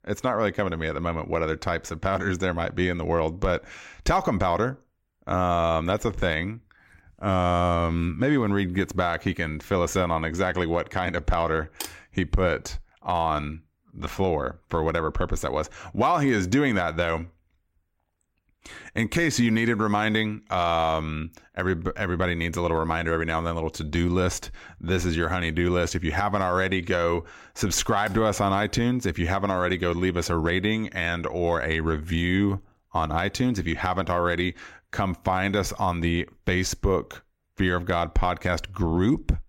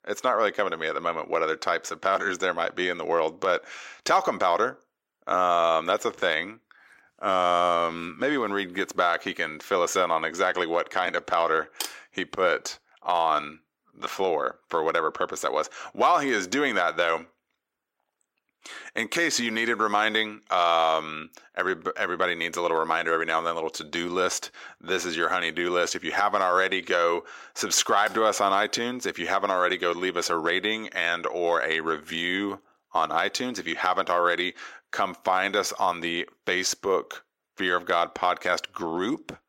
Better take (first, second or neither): first